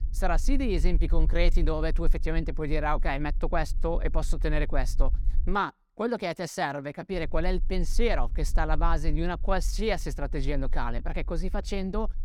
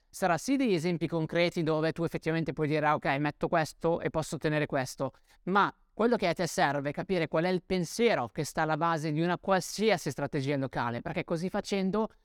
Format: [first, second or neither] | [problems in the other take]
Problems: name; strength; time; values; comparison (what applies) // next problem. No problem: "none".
second | low rumble; faint; until 5.5 s and from 7 s on; 25 dB below the speech